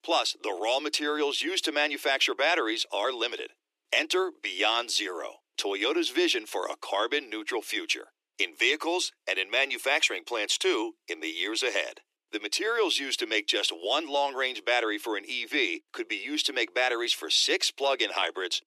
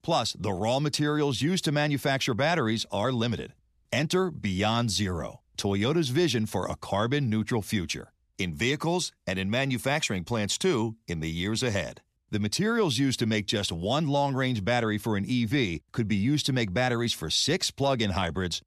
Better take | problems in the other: second | thin; very; fading below 300 Hz

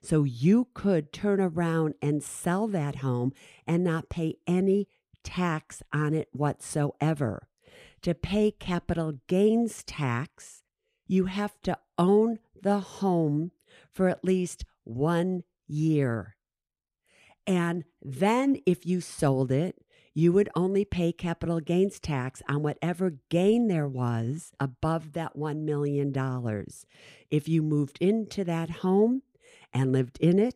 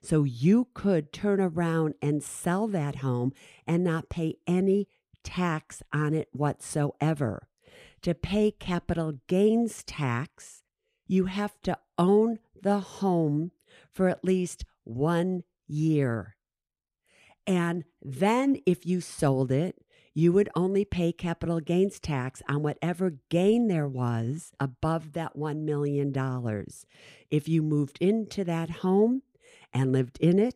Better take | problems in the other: neither | none

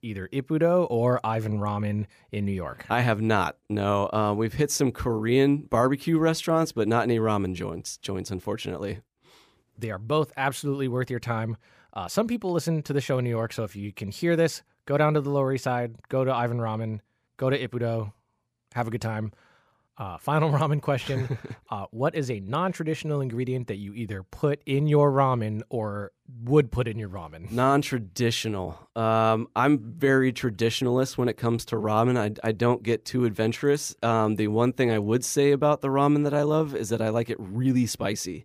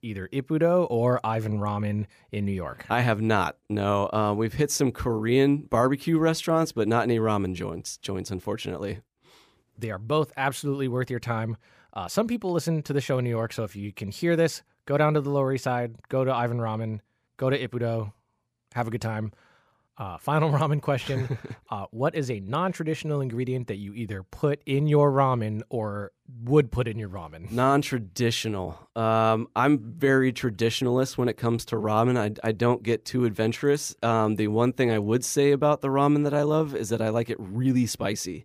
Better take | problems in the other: neither | none

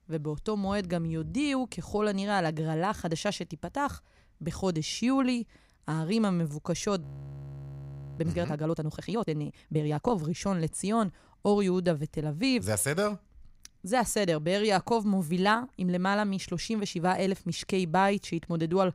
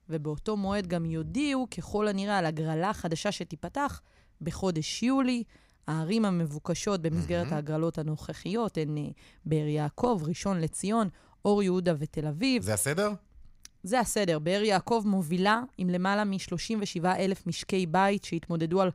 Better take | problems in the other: second | audio freezing; at 7 s for 1 s

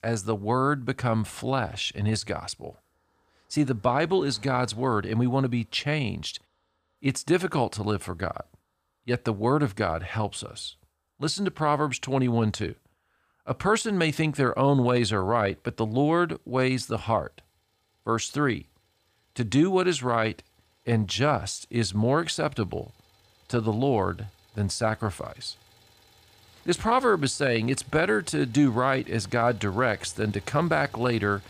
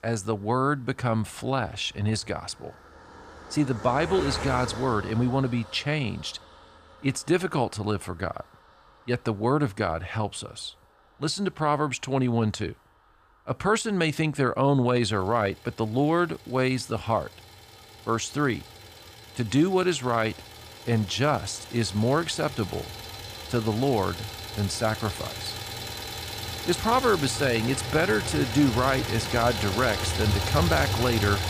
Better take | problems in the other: first | traffic noise; loud; throughout; 7 dB below the speech; faint in the first

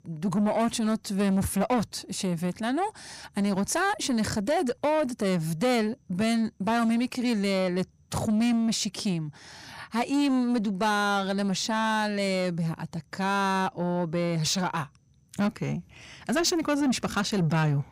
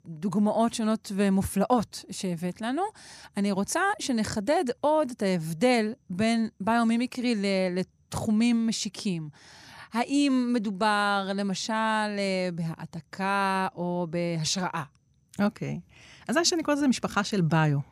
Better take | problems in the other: second | distortion; slight; 10 dB below the speech

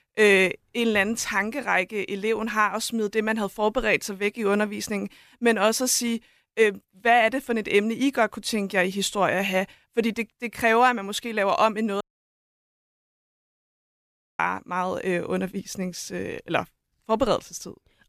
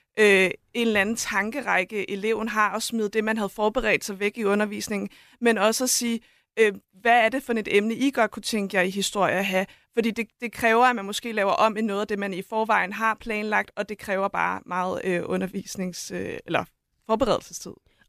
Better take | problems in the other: second | audio cutting out; at 12 s for 2.5 s

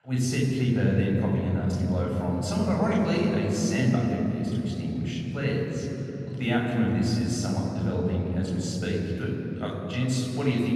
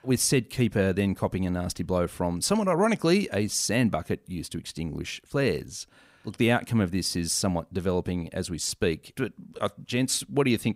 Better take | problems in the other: second | room echo; strong; dies away in 3 s // off-mic speech; far

